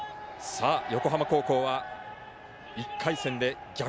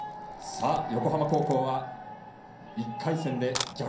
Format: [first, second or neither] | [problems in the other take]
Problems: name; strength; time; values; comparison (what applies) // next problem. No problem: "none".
first | background sound (Camera); 14 dB below the speech // room echo; dies away in 0.6 s